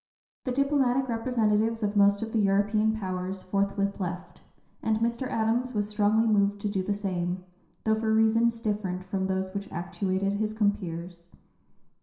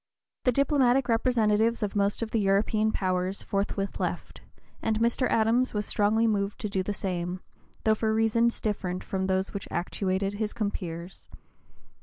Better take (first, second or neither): second